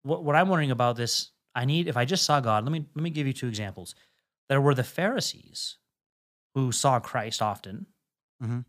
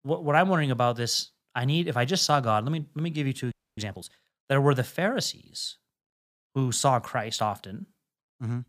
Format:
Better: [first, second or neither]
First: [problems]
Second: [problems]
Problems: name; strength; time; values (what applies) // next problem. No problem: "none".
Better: first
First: none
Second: audio freezing; at 3.5 s